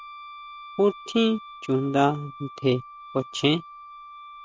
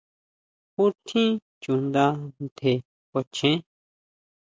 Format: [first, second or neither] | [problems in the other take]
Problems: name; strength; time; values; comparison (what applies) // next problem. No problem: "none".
second | background sound (Wind instrument, woodwind instrument); 16 dB below the speech